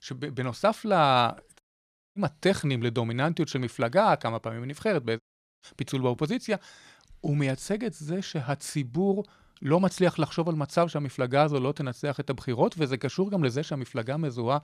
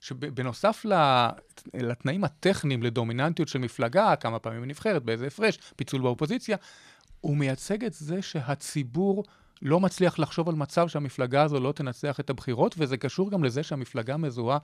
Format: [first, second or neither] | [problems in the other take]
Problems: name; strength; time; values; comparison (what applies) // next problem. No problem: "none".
second | audio cutting out; at 1.5 s for 0.5 s and at 5 s